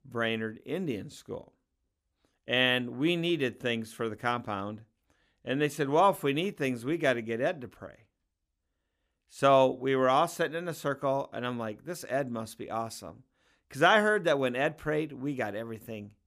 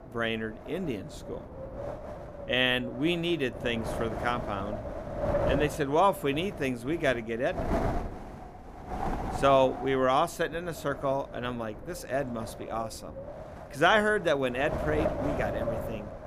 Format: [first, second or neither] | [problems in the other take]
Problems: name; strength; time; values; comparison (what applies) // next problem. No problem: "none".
first | wind noise on the microphone; heavy; 9 dB below the speech